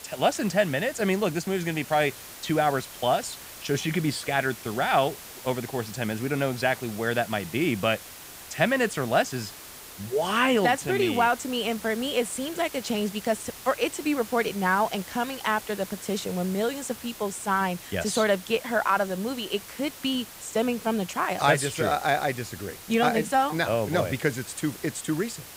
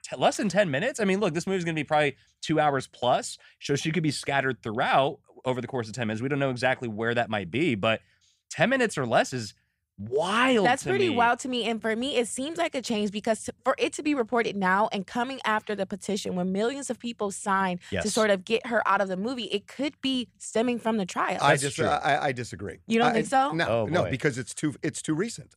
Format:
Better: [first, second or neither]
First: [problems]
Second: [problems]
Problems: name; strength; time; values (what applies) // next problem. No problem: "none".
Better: second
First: hiss; noticeable; throughout; 15 dB below the speech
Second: none